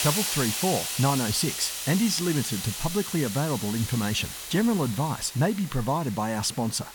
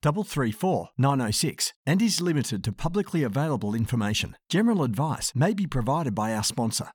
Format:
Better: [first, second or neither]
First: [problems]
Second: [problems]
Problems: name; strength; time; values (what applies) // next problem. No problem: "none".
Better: second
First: hiss; loud; throughout; 4 dB below the speech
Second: none